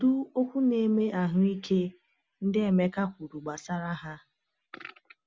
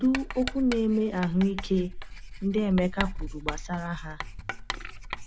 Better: first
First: none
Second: background sound (Writing); 8 dB below the speech

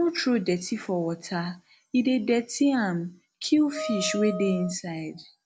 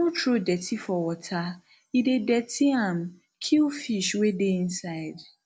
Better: second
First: background sound (Wind instrument, woodwind instrument); 8 dB below the speech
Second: none

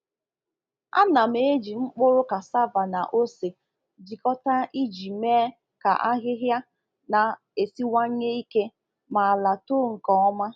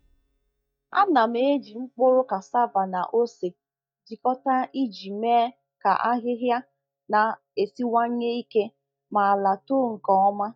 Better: first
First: none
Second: noise reduction (neural mask model DeepFilterNet 3)

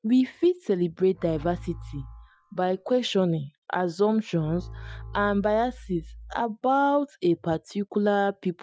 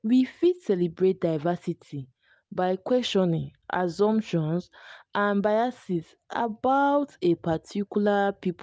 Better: second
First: noise reduction (classical method Wiener filter)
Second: none

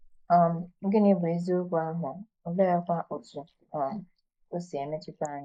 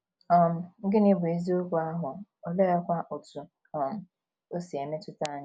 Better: second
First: noise reduction (neural mask model Resemble Enhance denoiser)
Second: none

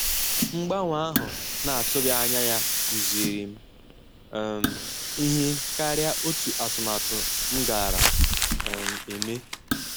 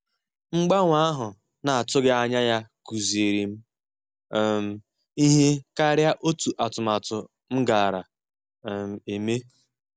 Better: second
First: background sound (Crumpling, crinkling + Hiss); 4 dB above the speech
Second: none

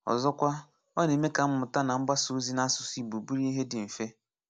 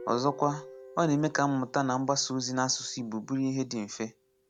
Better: first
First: none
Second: background sound (Guitar); 20 dB below the speech

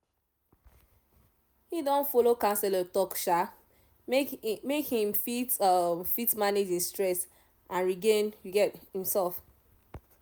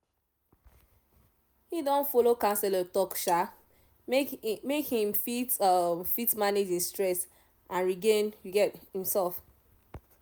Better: first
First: none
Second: background sound (Cutlery, silverware); 19 dB below the speech

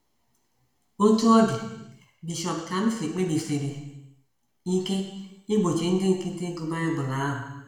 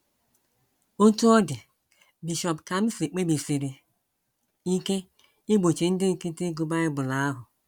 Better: second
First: room echo; dies away in 1 s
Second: none

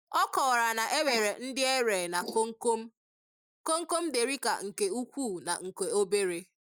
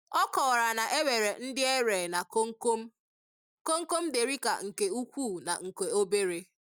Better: second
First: noise reduction (neural mask model Resemble Enhance denoiser)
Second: none

